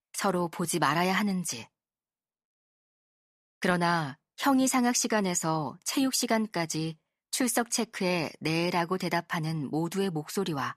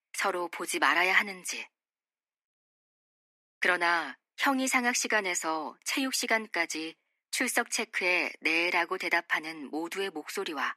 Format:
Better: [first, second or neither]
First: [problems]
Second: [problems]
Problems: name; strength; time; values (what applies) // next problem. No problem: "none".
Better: first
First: none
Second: thin; somewhat; fading below 250 Hz